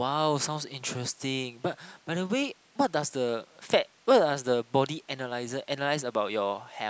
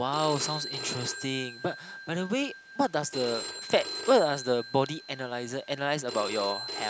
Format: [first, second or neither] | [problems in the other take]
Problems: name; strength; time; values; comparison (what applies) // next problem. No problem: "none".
first | background sound (Telephone); 10 dB below the speech